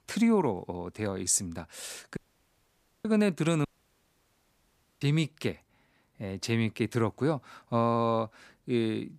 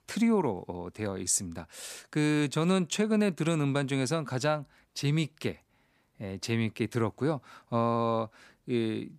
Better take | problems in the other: second | audio cutting out; at 2 s for 1 s and at 3.5 s for 1.5 s

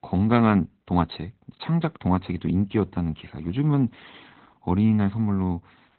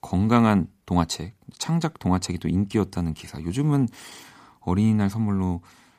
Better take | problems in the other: second | garbled, watery; badly; nothing above 4 kHz

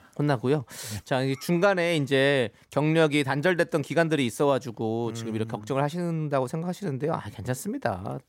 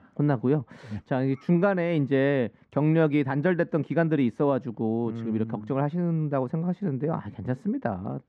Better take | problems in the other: first | muffled; very; fading above 2 kHz

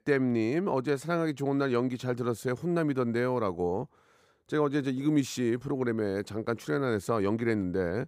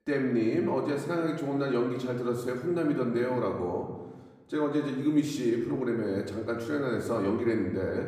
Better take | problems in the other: first | room echo; slight; dies away in 1 s // off-mic speech; far

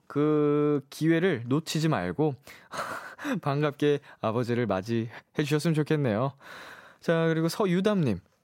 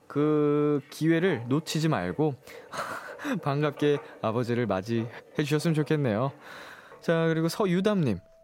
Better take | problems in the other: first | household noises; faint; throughout; 20 dB below the speech

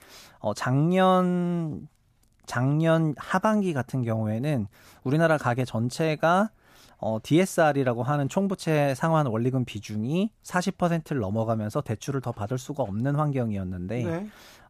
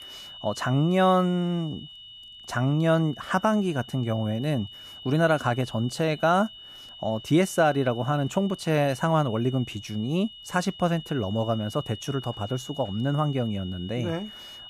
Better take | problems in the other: first | high-pitched whine; noticeable; throughout; 3 kHz, 15 dB below the speech

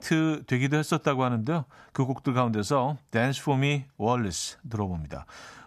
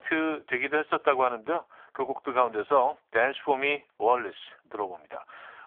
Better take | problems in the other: first | phone-call audio; poor line; nothing above 3.5 kHz

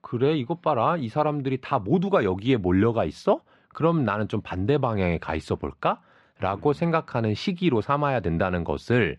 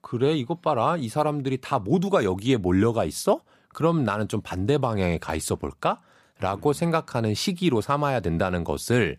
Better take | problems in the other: second | muffled; slightly; fading above 2.5 kHz

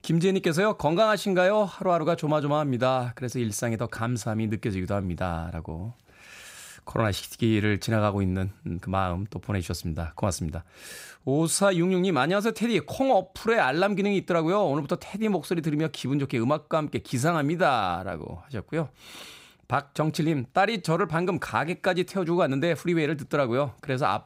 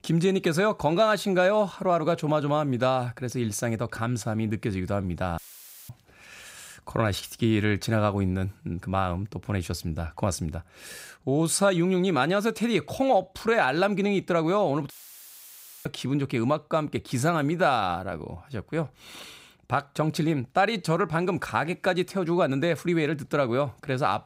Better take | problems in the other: first | audio cutting out; filled with static; at 5.5 s for 0.5 s and at 15 s for 1 s

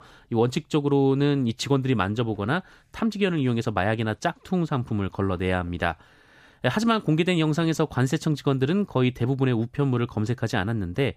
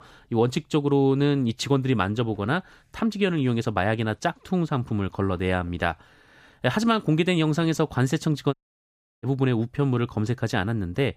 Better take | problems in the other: first | audio cutting out; at 8.5 s for 0.5 s

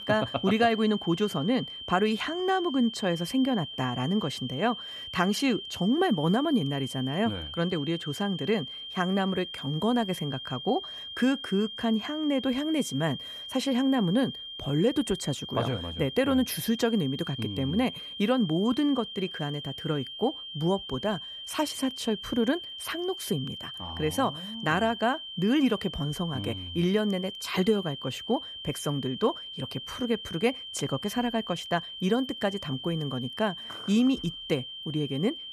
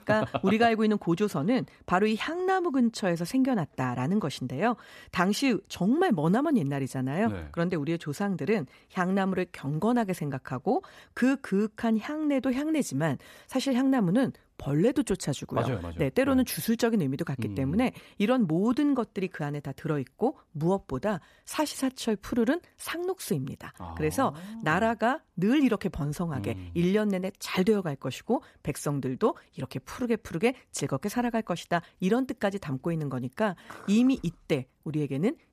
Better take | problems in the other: second | high-pitched whine; loud; throughout; 3 kHz, 9 dB below the speech

